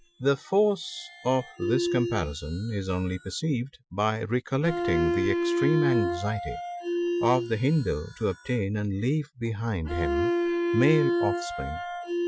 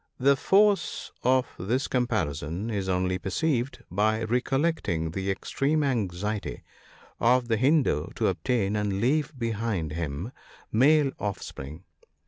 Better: second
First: noise reduction (classical method Wiener filter)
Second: none

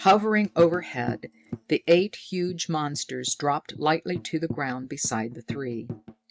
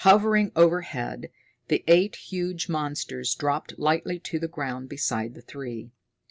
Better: second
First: noise reduction (neural mask model RNNoise)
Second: none

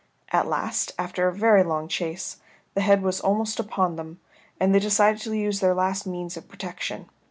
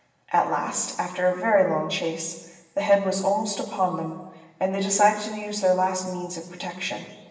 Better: first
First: none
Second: room echo; dies away in 1.2 s

